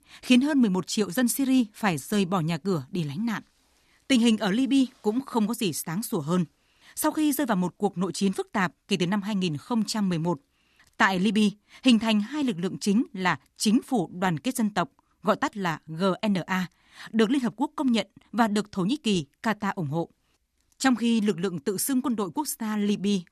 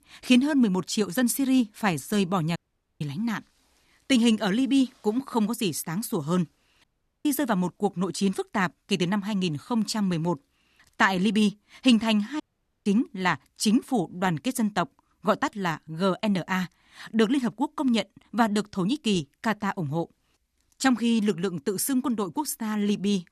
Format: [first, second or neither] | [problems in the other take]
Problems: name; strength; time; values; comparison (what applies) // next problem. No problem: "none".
first | audio cutting out; at 2.5 s, at 7 s and at 12 s